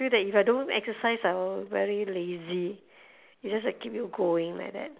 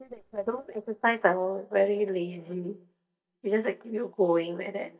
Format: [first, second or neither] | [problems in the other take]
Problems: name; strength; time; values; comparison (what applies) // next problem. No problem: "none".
first | noise reduction (neural mask model DeepFilterNet 3)